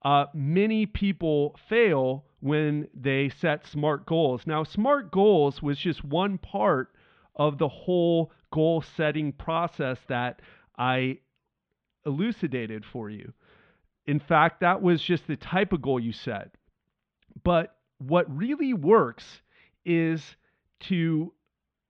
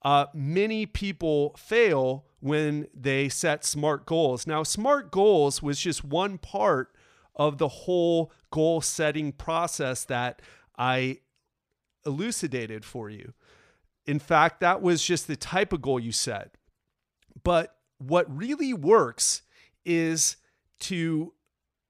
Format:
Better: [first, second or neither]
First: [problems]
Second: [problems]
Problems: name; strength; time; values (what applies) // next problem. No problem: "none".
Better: second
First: muffled; very; fading above 3.5 kHz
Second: none